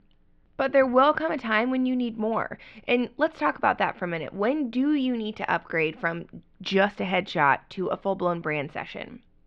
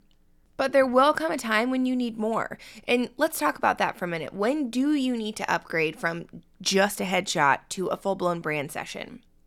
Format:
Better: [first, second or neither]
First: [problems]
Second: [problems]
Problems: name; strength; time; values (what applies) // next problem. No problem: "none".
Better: second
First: muffled; slightly; fading above 3.5 kHz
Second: none